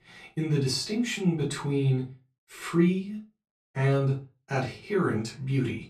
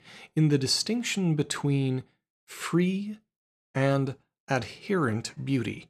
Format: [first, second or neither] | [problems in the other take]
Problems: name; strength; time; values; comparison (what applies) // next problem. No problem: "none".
second | off-mic speech; far // room echo; slight; dies away in 0.2 s